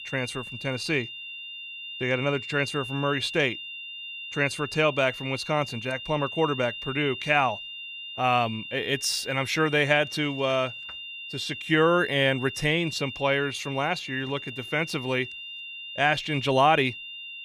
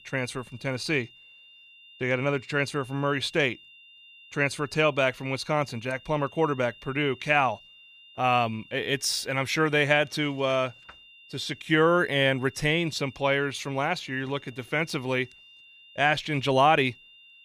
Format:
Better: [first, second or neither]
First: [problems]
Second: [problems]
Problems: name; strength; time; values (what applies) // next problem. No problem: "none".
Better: second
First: high-pitched whine; loud; throughout; 3 kHz, 10 dB below the speech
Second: high-pitched whine; faint; throughout; 3 kHz, 25 dB below the speech